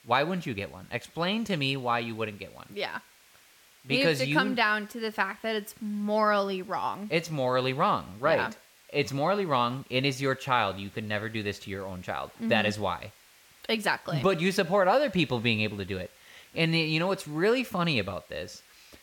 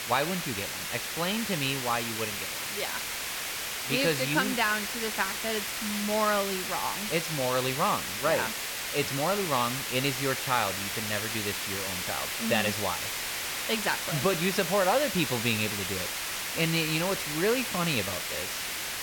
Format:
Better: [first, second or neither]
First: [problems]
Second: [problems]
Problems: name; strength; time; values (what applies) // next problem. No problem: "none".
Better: first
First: hiss; faint; throughout; 25 dB below the speech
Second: hiss; loud; throughout; 1 dB below the speech